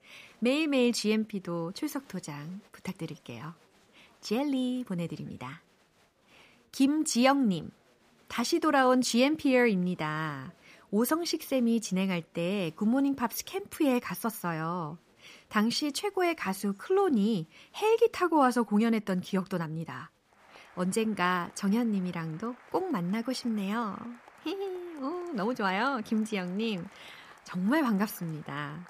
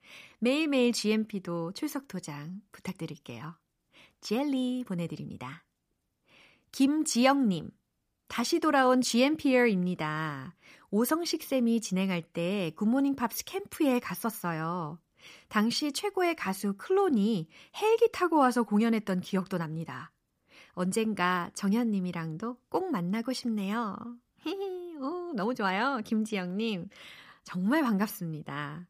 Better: second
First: crowd noise; faint; throughout; 30 dB below the speech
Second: none

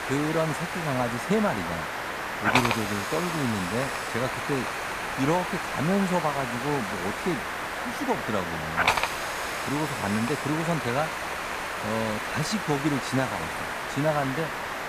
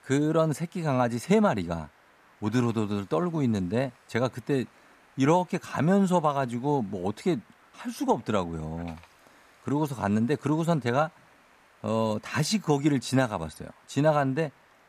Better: second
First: hiss; loud; throughout; as loud as the speech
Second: hiss; faint; throughout; 30 dB below the speech

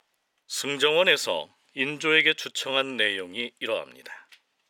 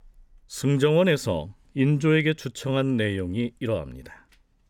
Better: second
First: thin; very; fading below 600 Hz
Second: none

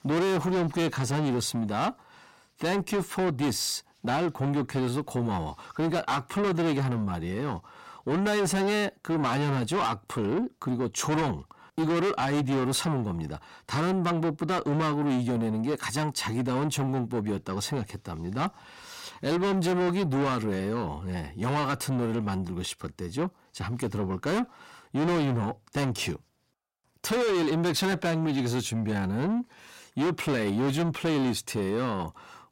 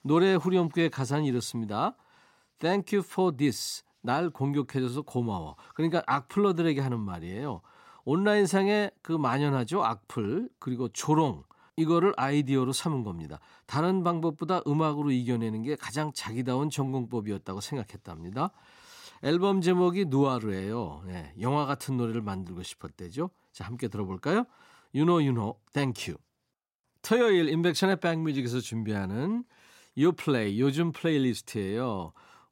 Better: second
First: distortion; heavy; 6 dB below the speech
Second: none

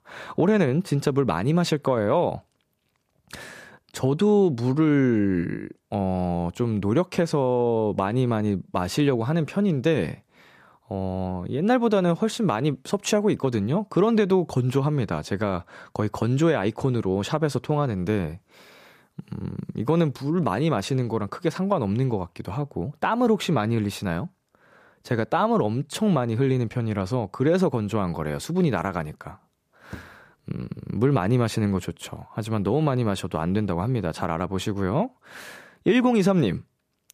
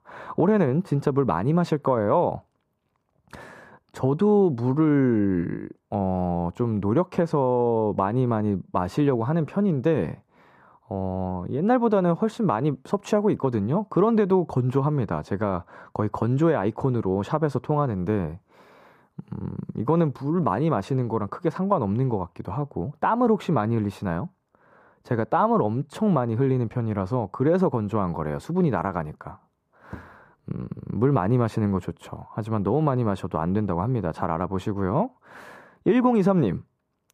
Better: first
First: none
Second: muffled; slightly; fading above 2 kHz

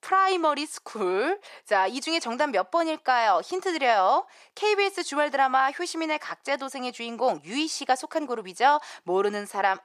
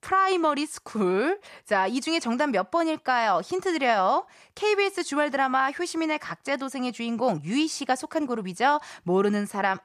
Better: second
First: thin; somewhat; fading below 400 Hz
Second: none

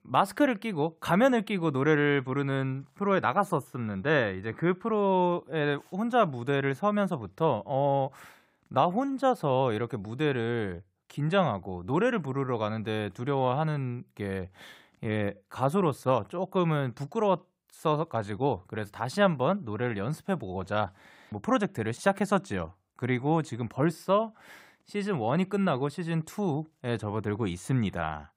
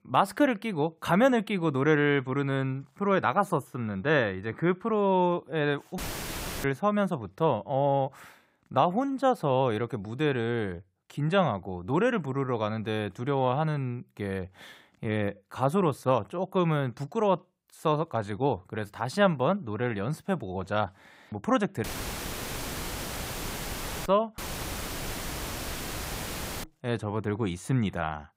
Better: first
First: none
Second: audio cutting out; filled with static; at 6 s for 0.5 s, at 22 s for 2 s and at 24 s for 2.5 s

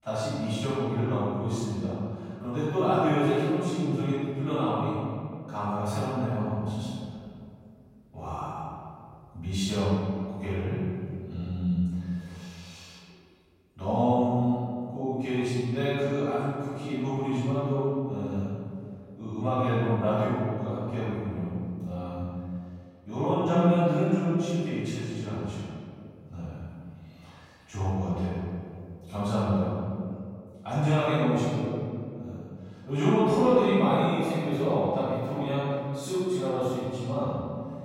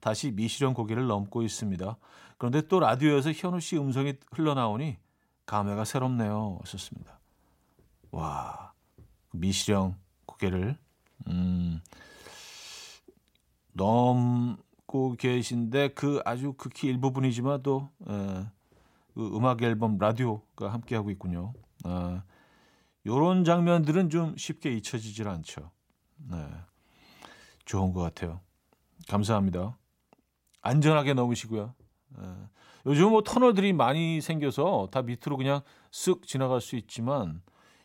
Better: second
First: off-mic speech; far // room echo; strong; dies away in 2.2 s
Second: none

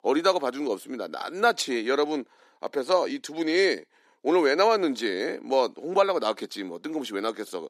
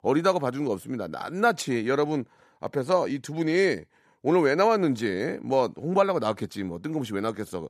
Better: second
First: thin; very slightly; fading below 250 Hz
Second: none

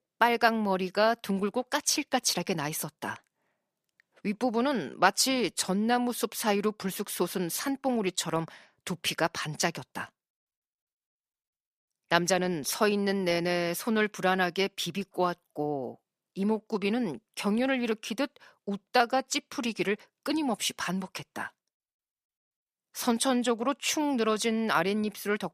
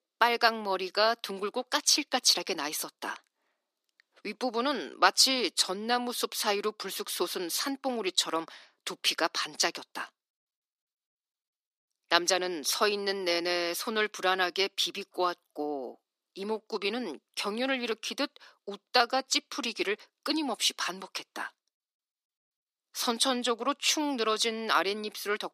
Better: first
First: none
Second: thin; very slightly; fading below 300 Hz

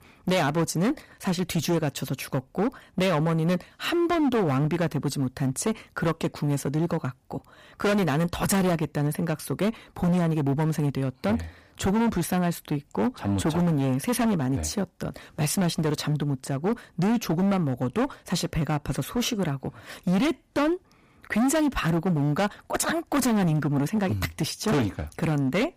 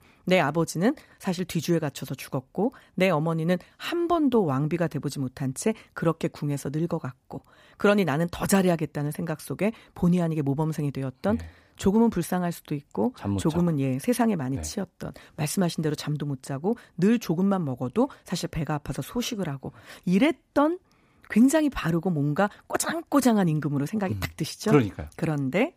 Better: second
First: distortion; heavy; 15% of the sound clipped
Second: none

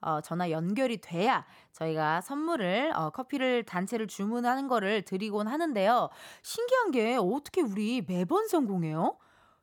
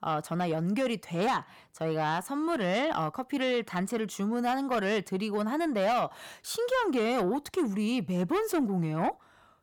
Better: first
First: none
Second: distortion; slight; 10 dB below the speech

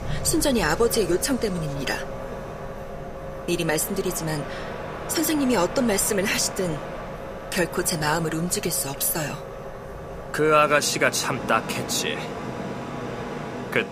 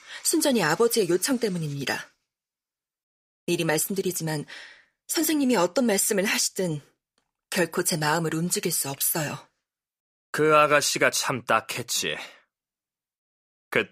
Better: second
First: train or aircraft noise; noticeable; throughout; 10 dB below the speech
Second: none

